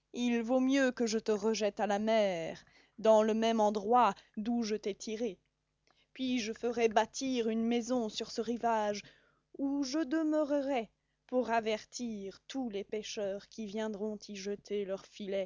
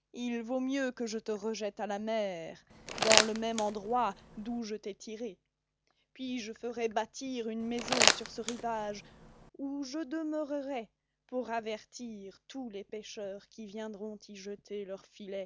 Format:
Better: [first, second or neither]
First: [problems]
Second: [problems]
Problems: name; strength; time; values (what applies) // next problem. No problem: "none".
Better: first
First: none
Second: background sound (Crumpling, crinkling); 4 dB above the speech